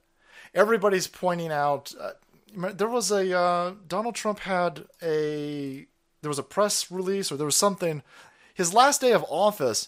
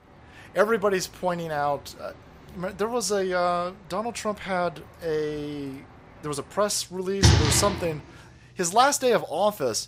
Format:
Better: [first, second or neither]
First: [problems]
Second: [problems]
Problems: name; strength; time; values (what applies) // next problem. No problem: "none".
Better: first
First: none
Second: rain or running water; very loud; throughout; 3 dB above the speech